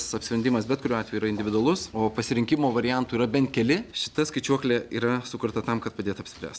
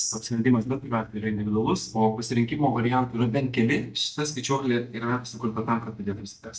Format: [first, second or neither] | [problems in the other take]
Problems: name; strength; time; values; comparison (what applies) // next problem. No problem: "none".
first | noise reduction (neural mask model DeepFilterNet 3)